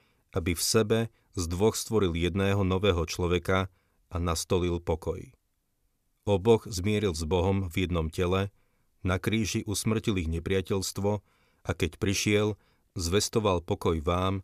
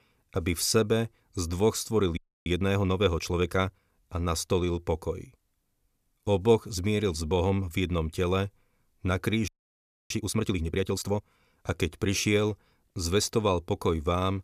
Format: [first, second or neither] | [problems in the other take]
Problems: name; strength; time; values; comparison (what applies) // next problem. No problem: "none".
first | audio freezing; at 2 s and at 9.5 s for 0.5 s